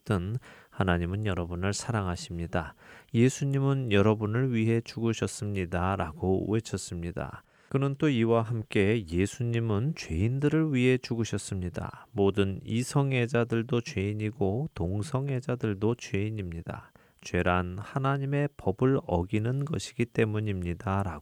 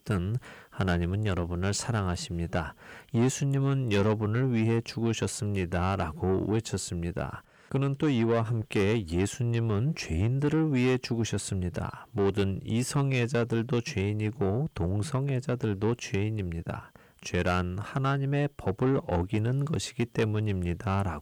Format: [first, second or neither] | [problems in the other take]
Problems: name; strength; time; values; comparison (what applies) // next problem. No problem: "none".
first | distortion; slight; 10 dB below the speech